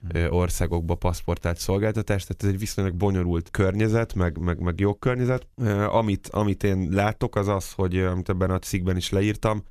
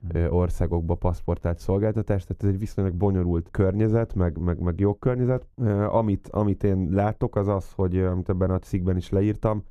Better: first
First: none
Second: muffled; very; fading above 1.5 kHz

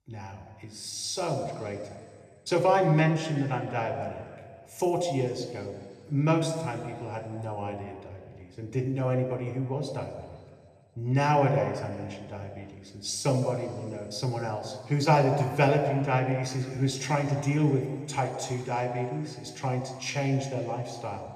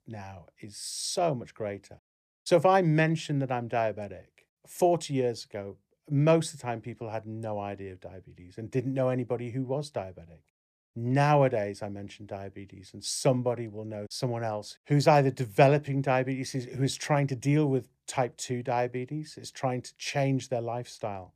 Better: second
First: room echo; slight; dies away in 1.9 s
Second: none

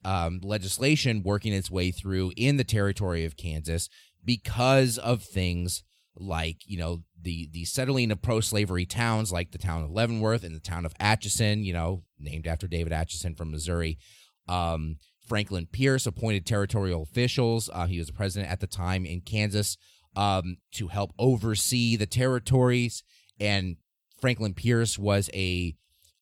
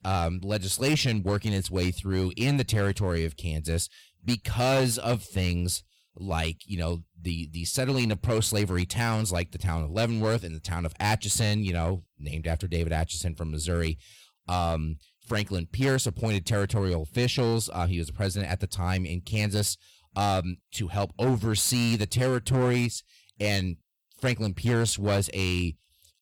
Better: first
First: none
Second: distortion; slight; 6% of the sound clipped

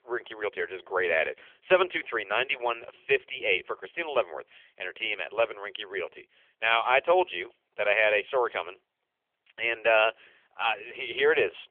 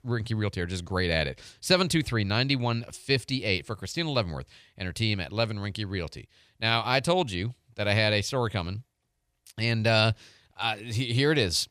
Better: second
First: phone-call audio; nothing above 3.5 kHz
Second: none

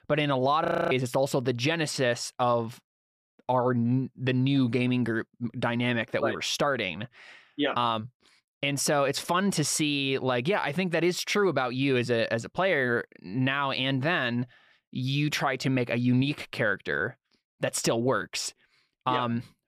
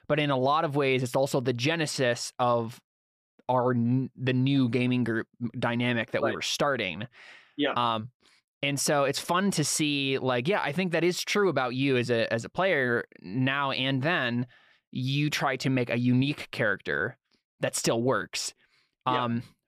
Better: second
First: audio freezing; at 0.5 s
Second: none

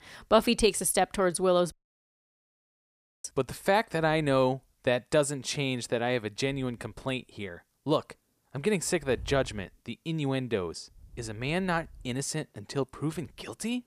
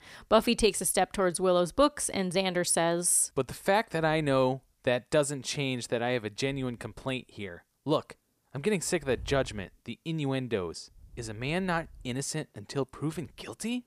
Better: second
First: audio cutting out; at 1.5 s for 1.5 s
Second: none

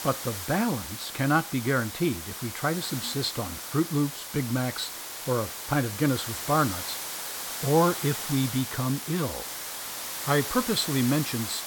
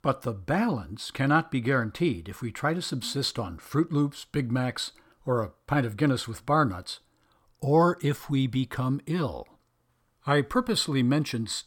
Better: second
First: hiss; loud; throughout; 6 dB below the speech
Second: none

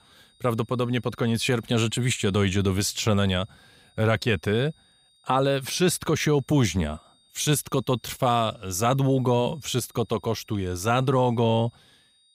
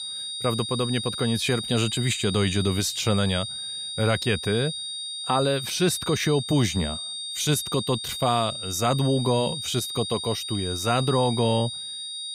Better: first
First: high-pitched whine; faint; throughout; 3.5 kHz, 35 dB below the speech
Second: high-pitched whine; loud; throughout; 3.5 kHz, 5 dB below the speech

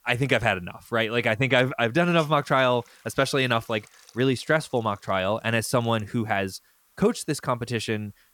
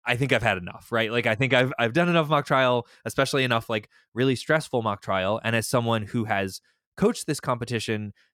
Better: second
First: hiss; faint; throughout; 30 dB below the speech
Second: none

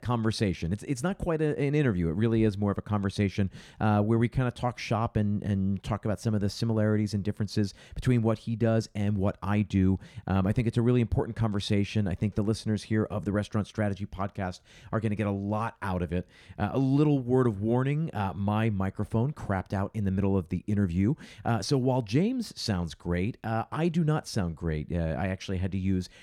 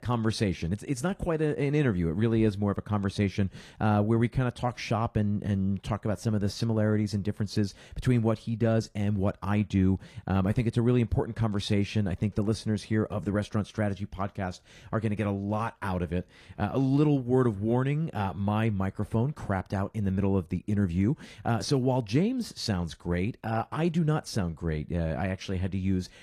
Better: first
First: none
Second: garbled, watery; slightly

